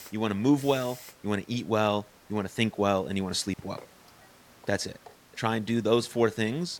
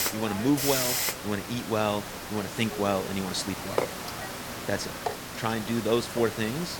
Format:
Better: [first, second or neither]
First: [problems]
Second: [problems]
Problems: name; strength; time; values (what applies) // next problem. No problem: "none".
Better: first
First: hiss; faint; throughout; 25 dB below the speech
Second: hiss; loud; throughout; 3 dB below the speech